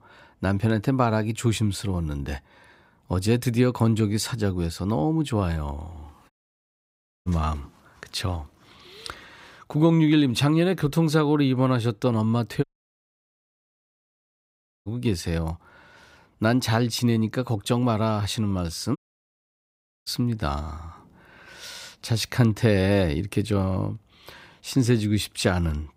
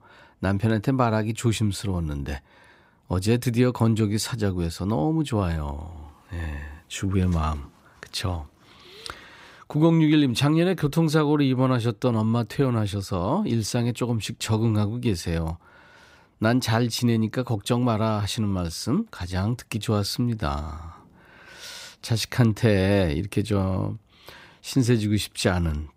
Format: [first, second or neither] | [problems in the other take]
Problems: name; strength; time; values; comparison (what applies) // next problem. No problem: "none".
second | audio cutting out; at 6.5 s for 1 s, at 13 s for 2 s and at 19 s for 1 s